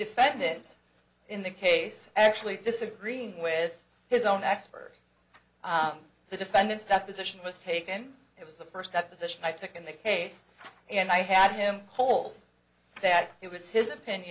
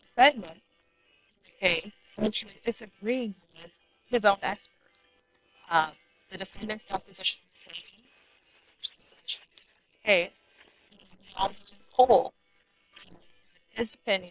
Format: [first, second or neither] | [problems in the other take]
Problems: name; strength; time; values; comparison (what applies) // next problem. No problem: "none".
first | noise reduction (neural separator model SepFormer WHAM!)